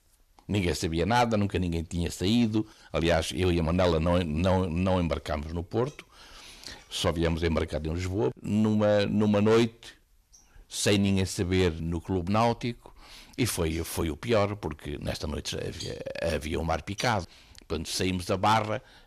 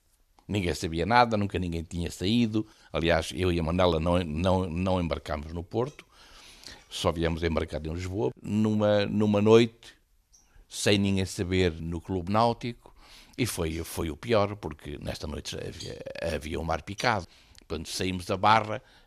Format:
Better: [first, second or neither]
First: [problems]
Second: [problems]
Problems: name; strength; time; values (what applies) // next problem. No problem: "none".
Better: second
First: distortion; slight; 10 dB below the speech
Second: none